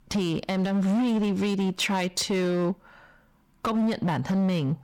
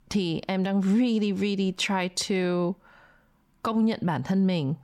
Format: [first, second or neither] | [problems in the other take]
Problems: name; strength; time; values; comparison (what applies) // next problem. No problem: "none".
second | distortion; slight; 18% of the sound clipped